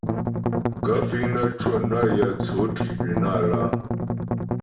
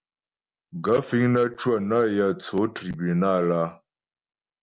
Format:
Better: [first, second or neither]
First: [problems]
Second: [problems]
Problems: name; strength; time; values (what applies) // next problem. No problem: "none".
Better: second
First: background sound (Strum); 1 dB above the speech // room echo; dies away in 0.5 s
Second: none